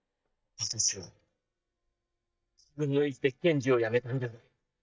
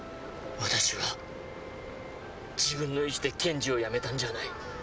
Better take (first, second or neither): second